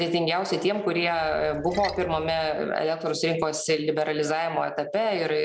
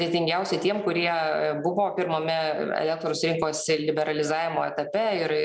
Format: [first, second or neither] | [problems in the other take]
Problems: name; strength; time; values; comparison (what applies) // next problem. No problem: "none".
second | background sound (Splash, splatter); 16 dB below the speech